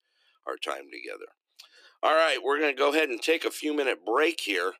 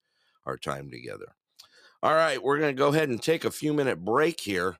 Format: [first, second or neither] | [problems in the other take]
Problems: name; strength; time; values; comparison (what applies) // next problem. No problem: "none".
second | thin; somewhat; fading below 300 Hz